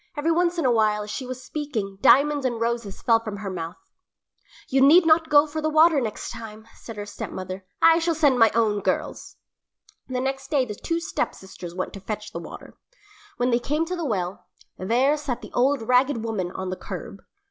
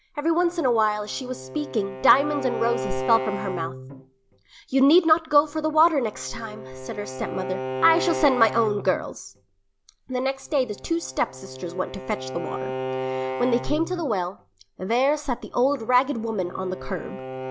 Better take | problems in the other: first | background sound (Bowed string instrument); 9 dB below the speech

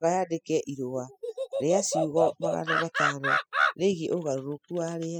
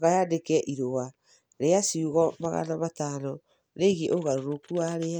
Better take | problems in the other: second | noise reduction (classical method spectral subtraction)

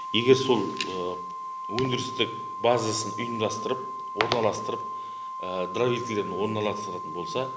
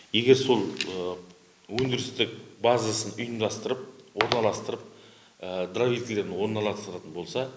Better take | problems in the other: second | background sound (Organ); 7 dB below the speech

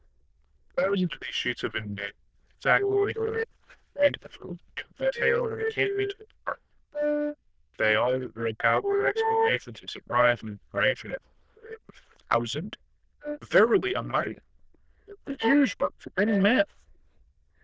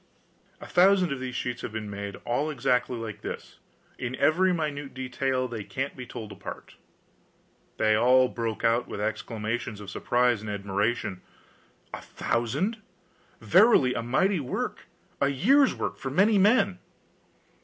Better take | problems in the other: second | noise reduction (neural diffusion model UNIVERSE++)

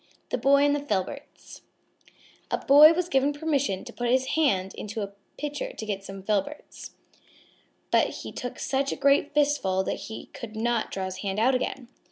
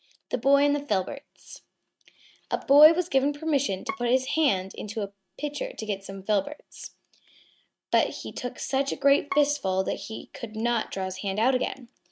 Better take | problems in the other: first | noise reduction (neural mask model RNNoise)

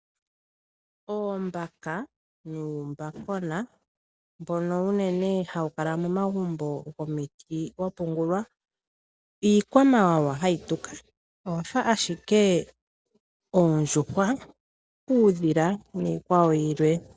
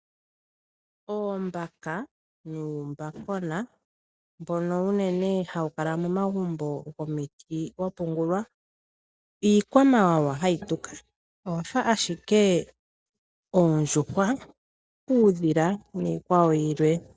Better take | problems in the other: first | noise reduction (neural mask model DeepFilterNet 3)

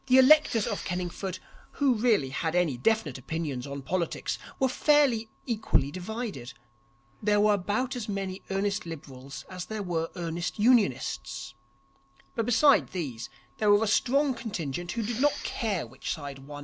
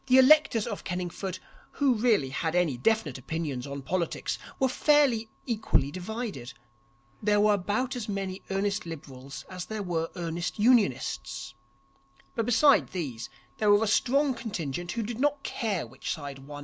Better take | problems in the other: second | background sound (Respiratory sounds); 13 dB below the speech

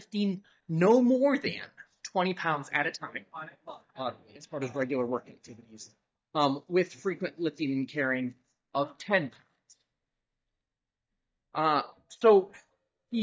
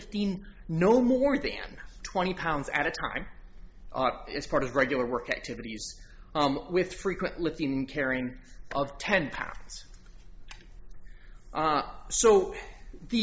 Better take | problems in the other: second | noise reduction (neural mask model DeepFilterNet 3)

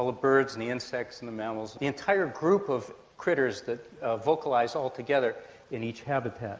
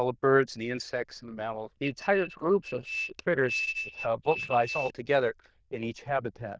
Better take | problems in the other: first | noise reduction (neural diffusion model UNIVERSE++)

